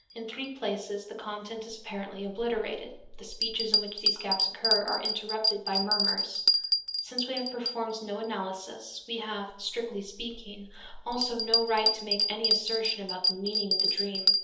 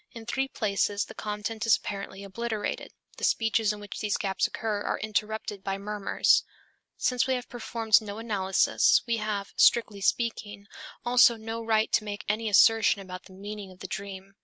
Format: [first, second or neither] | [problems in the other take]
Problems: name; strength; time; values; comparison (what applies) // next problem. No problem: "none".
second | background sound (Bell); 3 dB above the speech // room echo; dies away in 0.8 s